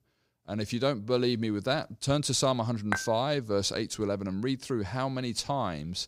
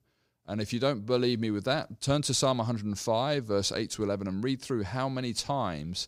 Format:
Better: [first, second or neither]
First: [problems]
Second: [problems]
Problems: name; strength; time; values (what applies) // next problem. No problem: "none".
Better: second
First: clattering dishes; noticeable; at 3 s; peak 4 dB below the speech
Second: none